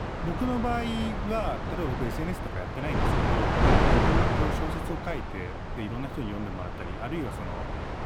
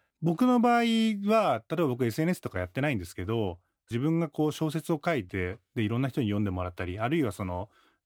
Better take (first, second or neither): second